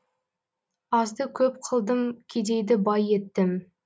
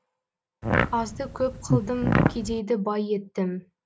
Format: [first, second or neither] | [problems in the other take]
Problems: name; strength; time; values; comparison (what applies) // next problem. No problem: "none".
first | background sound (Fart); 4 dB above the speech